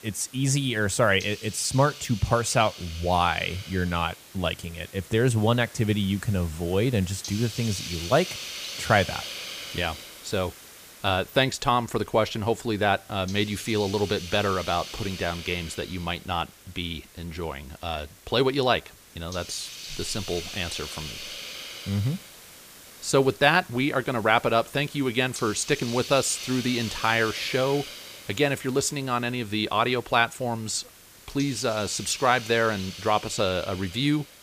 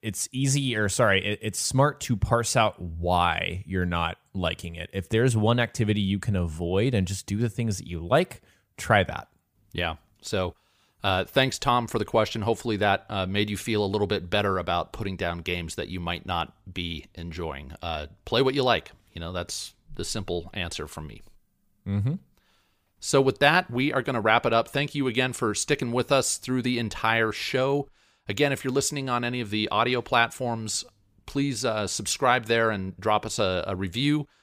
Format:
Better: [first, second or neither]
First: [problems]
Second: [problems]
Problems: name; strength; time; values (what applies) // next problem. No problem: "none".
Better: second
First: hiss; noticeable; throughout; 10 dB below the speech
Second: none